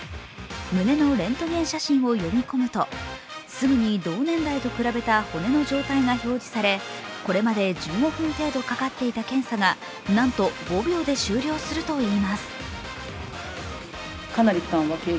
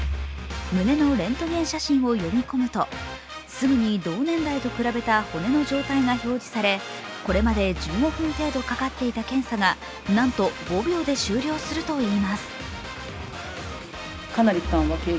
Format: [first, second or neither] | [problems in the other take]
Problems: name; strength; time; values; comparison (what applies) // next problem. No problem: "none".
first | background sound (Bowed string instrument); 13 dB below the speech